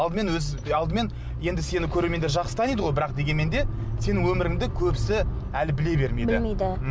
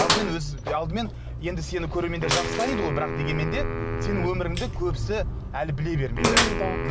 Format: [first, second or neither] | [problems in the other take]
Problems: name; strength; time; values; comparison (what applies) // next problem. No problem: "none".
first | background sound (Gunshot, gunfire + Wind instrument, woodwind instrument); 3 dB below the speech